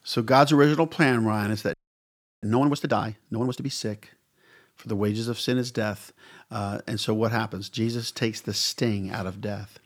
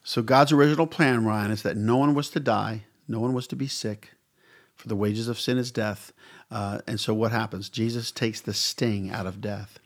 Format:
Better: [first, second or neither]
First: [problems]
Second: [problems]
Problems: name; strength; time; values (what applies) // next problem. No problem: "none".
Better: second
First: audio freezing; at 1.5 s for 0.5 s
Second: none